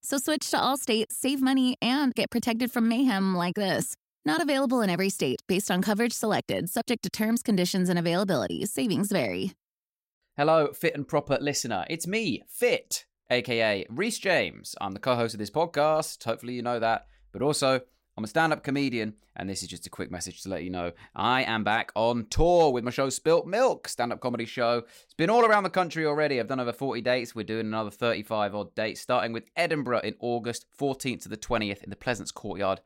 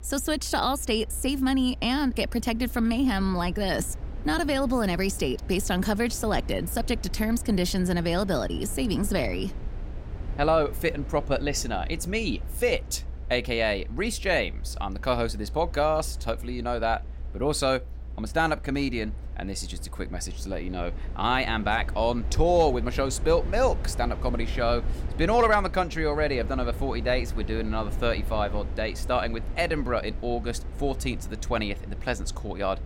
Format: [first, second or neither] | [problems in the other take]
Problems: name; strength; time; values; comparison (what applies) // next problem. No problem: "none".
first | low rumble; faint; throughout; 20 dB below the speech